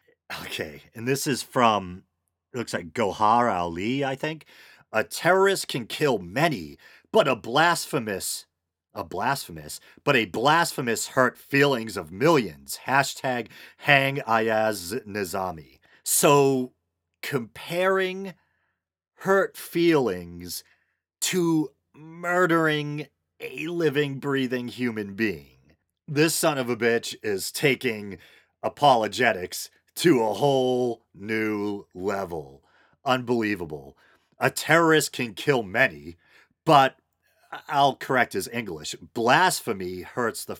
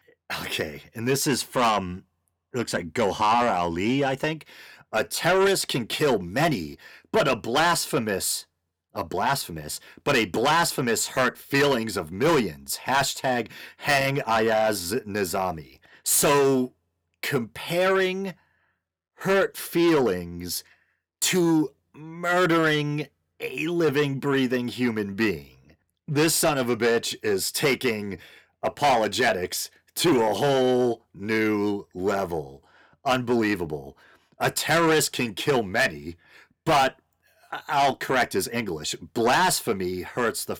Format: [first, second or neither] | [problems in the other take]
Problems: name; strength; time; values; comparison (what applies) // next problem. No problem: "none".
first | distortion; heavy; 7 dB below the speech